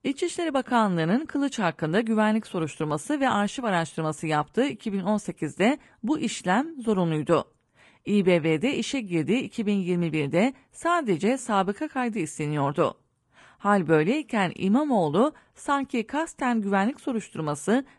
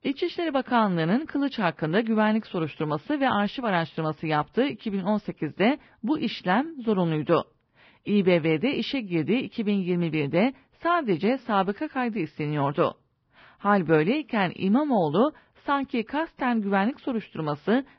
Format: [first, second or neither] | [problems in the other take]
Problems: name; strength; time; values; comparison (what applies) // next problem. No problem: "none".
first | garbled, watery; badly; nothing above 5 kHz; slightly in the first